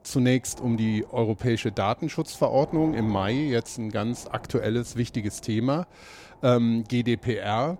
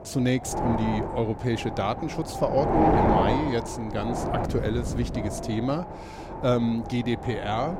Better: first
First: wind noise on the microphone; occasional gusts; 20 dB below the speech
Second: wind noise on the microphone; heavy; 1 dB above the speech

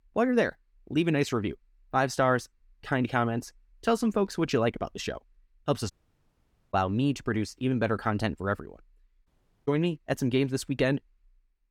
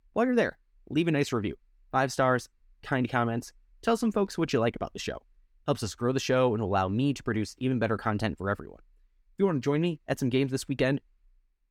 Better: second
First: audio cutting out; at 6 s for 1 s and at 9.5 s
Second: none

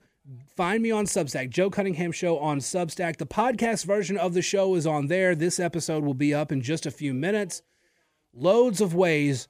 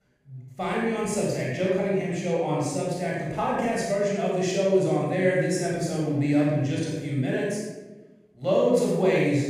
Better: first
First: none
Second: room echo; strong; dies away in 0.9 s // off-mic speech; far

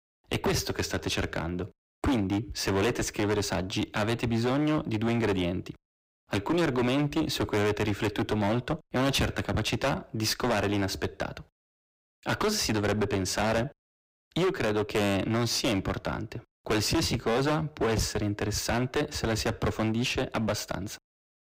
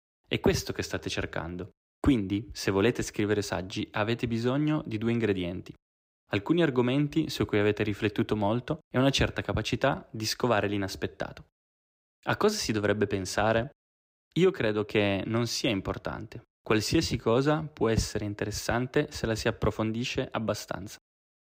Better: second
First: distortion; heavy; 17% of the sound clipped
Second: none

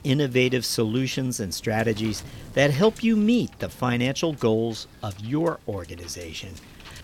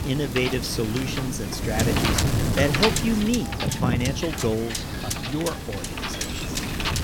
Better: first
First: wind noise on the microphone; occasional gusts; 20 dB below the speech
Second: wind noise on the microphone; heavy; 1 dB above the speech

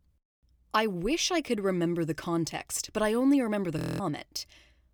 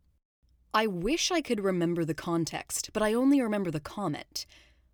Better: second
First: audio freezing; at 4 s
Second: none

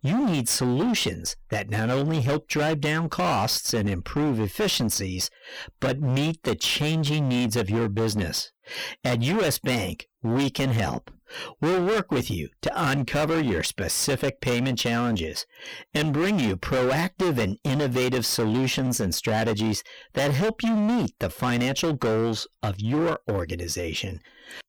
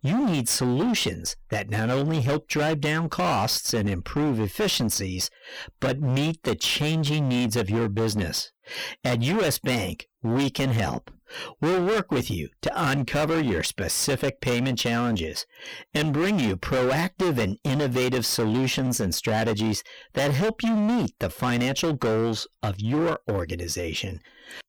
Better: neither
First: distortion; heavy; 25% of the sound clipped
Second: distortion; heavy; 25% of the sound clipped

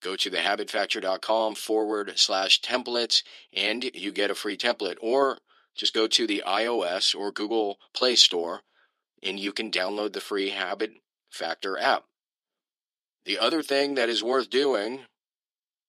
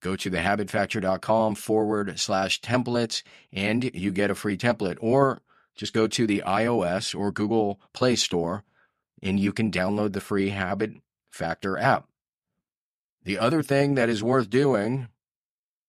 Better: second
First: thin; somewhat; fading below 350 Hz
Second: none

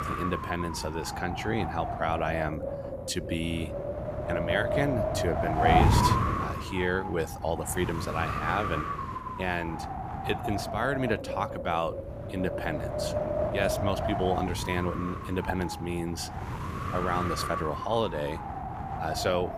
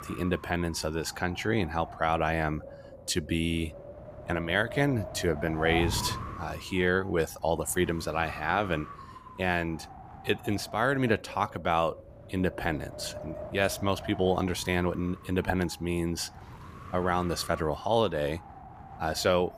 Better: second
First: wind noise on the microphone; heavy; as loud as the speech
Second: wind noise on the microphone; occasional gusts; 15 dB below the speech

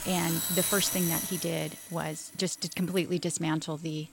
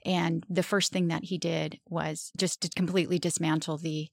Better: second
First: machinery noise; very loud; throughout; 1 dB above the speech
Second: none

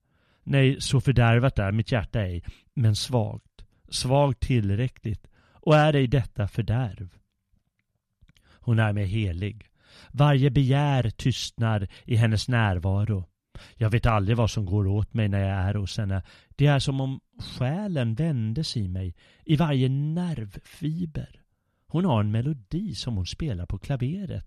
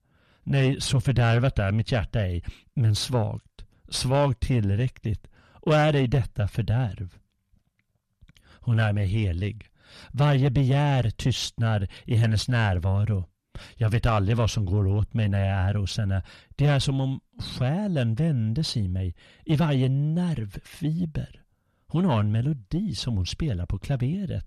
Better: first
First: none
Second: distortion; slight; 10 dB below the speech

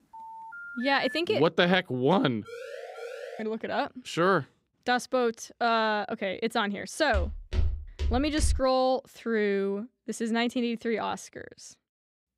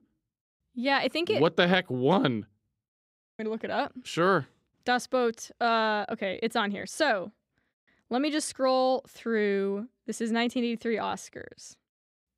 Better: second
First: phone ringing; noticeable; until 1 s; peak 9 dB below the speech // siren; faint; at 2.5 s; peak 10 dB below the speech // footsteps; noticeable; from 7 to 8.5 s; peak 4 dB below the speech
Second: none

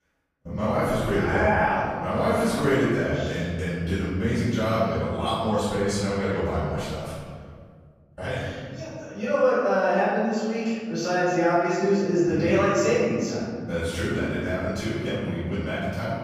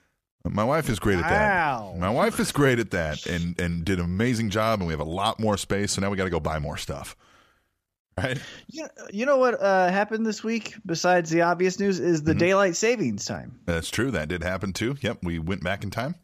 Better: second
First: off-mic speech; far // room echo; strong; dies away in 1.8 s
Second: none

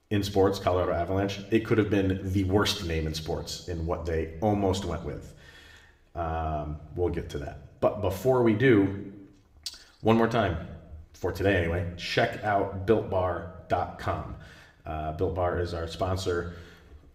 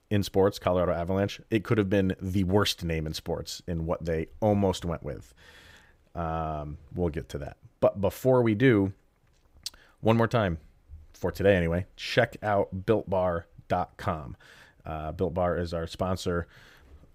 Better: second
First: room echo; slight; dies away in 0.7 s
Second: none

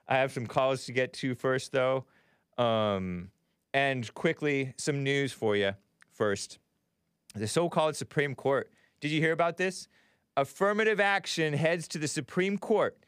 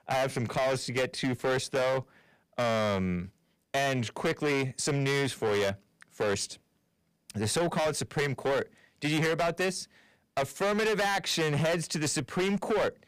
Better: first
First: none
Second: distortion; heavy; 18% of the sound clipped

